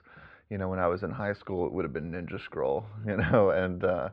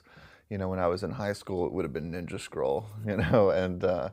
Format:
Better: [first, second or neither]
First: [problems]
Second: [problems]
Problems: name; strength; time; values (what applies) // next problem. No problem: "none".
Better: second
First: muffled; slightly; fading above 3.5 kHz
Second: none